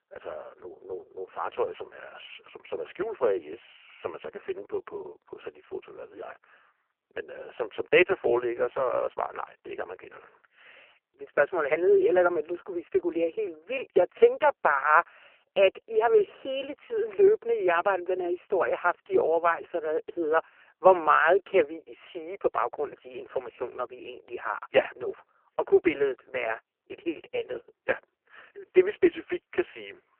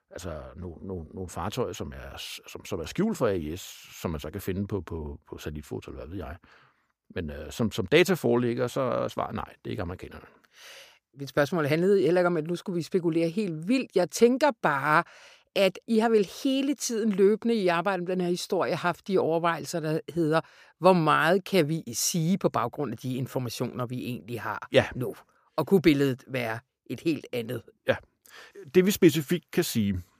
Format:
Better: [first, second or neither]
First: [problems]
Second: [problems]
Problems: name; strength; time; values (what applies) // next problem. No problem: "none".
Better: second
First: phone-call audio; poor line; nothing above 3 kHz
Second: none